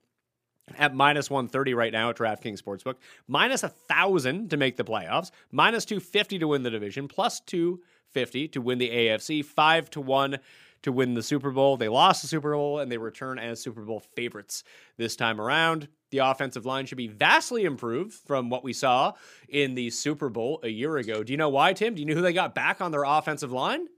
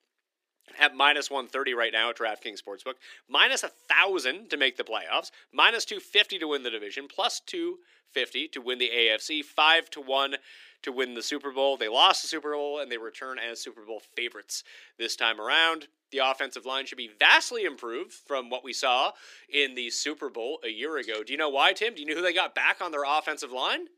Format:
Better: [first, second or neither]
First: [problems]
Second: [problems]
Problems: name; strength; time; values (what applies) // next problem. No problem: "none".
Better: first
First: none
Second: thin; somewhat; fading below 300 Hz